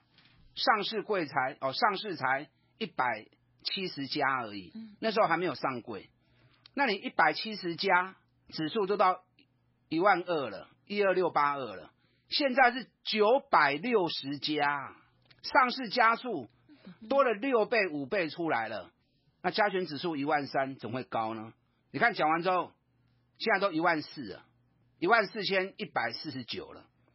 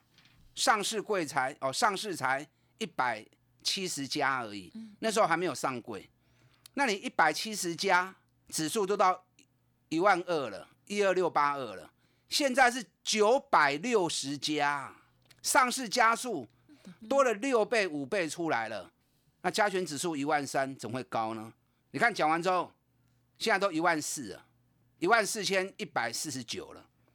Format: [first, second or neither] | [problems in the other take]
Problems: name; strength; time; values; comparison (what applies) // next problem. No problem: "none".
second | garbled, watery; badly; nothing above 5.5 kHz